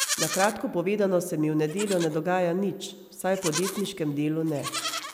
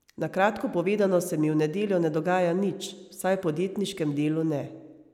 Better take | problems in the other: second | background sound (Livestock, farm animals, working animals); 9 dB below the speech

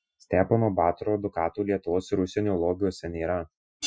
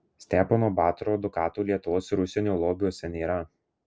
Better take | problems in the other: second | noise reduction (classical method Wiener filter)

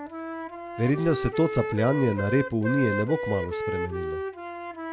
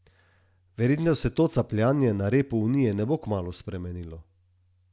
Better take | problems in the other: second | background sound (Wind instrument, woodwind instrument); 5 dB below the speech

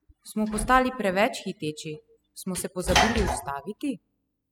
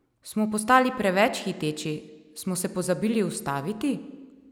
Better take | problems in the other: second | noise reduction (classical method spectral subtraction)

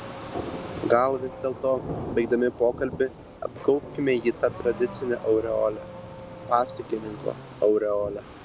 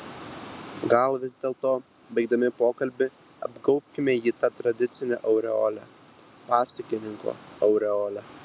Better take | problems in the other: second | background sound (Thunder + Accelerating, revving, vroom / Car); 12 dB below the speech

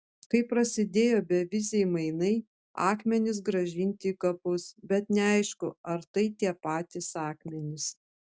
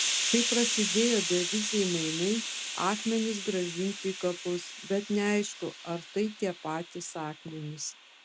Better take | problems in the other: first | background sound (Hiss); 4 dB below the speech

